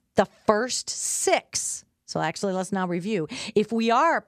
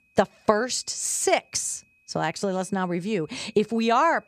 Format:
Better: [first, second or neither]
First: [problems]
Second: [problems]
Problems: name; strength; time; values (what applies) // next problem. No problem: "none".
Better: first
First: none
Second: high-pitched whine; faint; throughout; 2.5 kHz, 35 dB below the speech